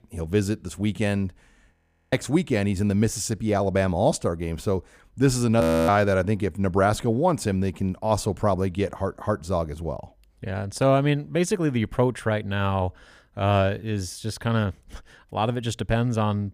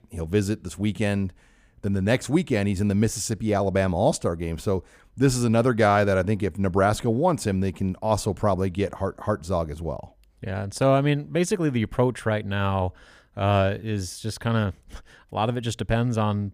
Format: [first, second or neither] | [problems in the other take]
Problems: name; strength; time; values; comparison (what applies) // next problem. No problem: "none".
second | audio freezing; at 1.5 s and at 5.5 s